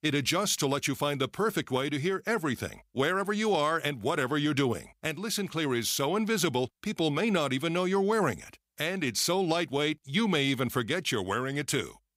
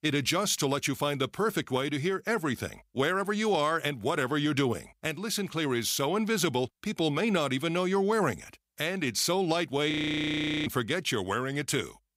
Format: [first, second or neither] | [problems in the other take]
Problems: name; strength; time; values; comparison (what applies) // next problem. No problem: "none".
first | audio freezing; at 10 s for 1 s